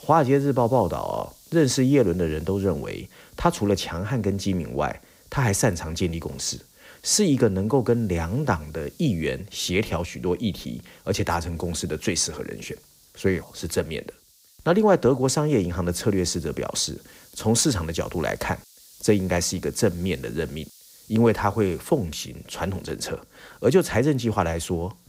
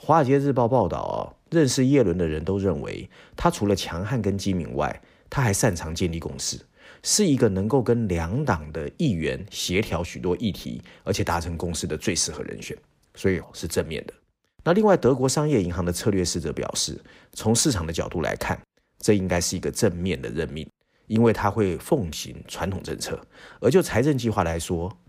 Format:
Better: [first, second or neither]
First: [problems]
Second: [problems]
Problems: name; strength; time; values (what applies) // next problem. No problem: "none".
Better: second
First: hiss; faint; throughout; 25 dB below the speech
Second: none